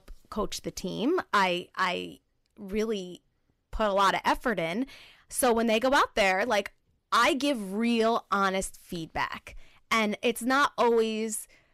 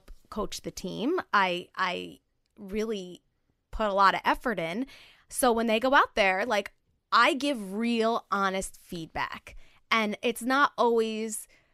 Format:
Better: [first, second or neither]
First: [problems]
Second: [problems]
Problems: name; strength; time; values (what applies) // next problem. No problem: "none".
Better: second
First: distortion; slight; 3% of the sound clipped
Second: none